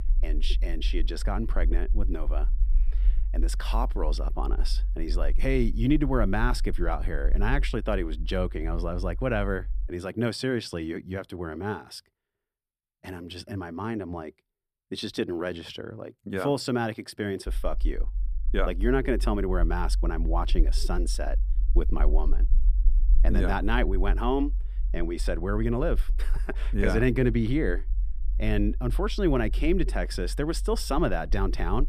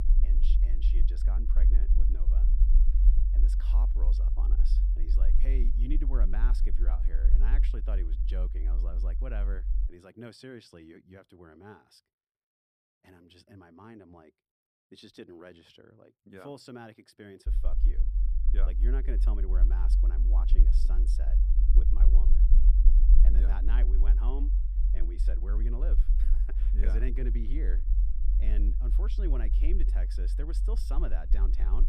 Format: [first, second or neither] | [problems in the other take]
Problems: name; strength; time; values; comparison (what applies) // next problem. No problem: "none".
first | low rumble; loud; until 10 s and from 17 s on; 4 dB below the speech; faint in the first